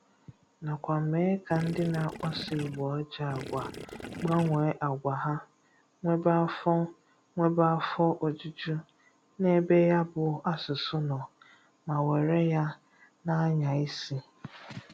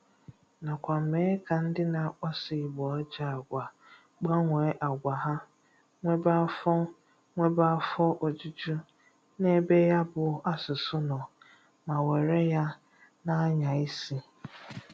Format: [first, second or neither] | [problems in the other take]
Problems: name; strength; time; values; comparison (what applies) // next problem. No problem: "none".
second | background sound (Gurgling / Liquid); 12 dB below the speech